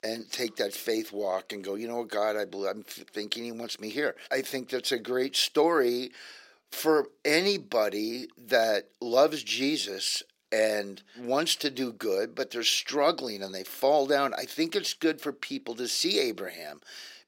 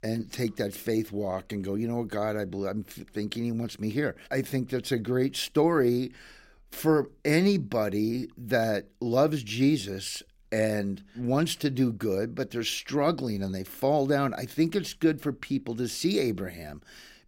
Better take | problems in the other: second | thin; somewhat; fading below 500 Hz

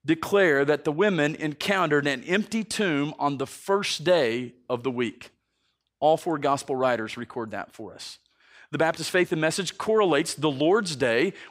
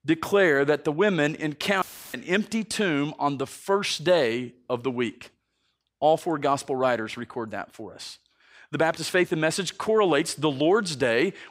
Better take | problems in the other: first | audio cutting out; filled with static; at 2 s

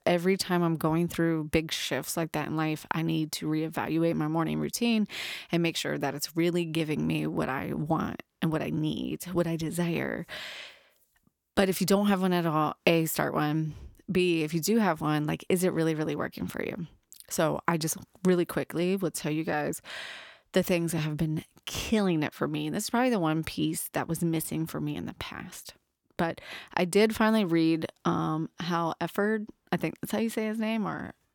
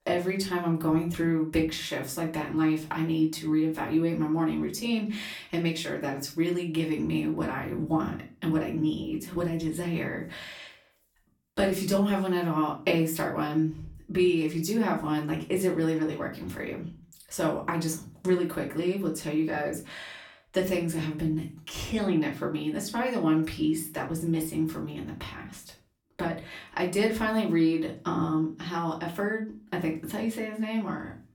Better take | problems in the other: first | off-mic speech; far // room echo; slight; dies away in 0.3 s

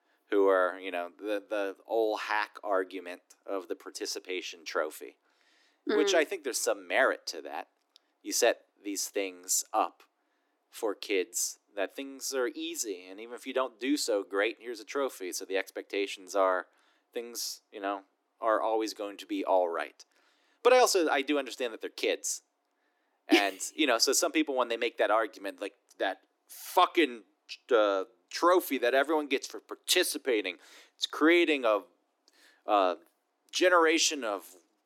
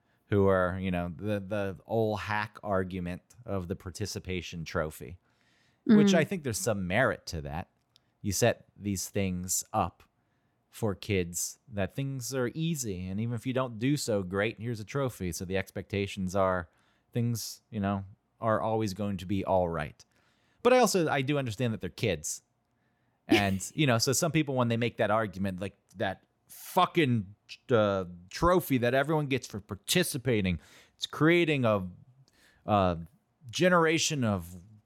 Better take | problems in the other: second | thin; somewhat; fading below 300 Hz

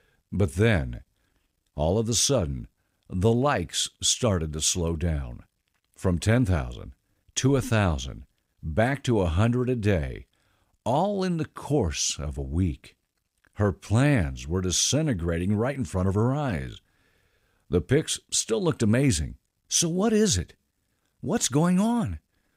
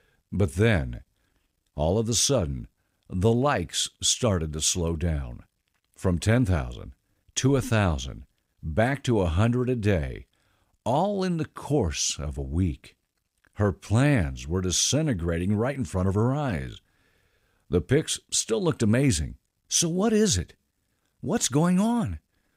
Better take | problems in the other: neither | none

